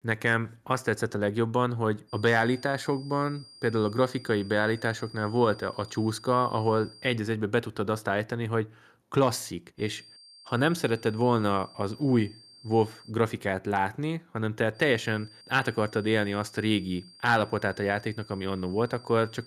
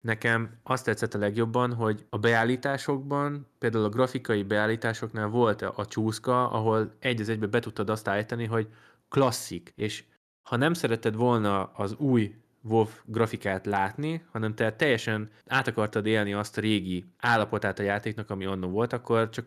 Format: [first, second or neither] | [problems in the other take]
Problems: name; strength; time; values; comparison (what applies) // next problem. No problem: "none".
second | high-pitched whine; faint; from 2 to 7 s, from 10 to 13 s and from 15 s on; 5 kHz, 20 dB below the speech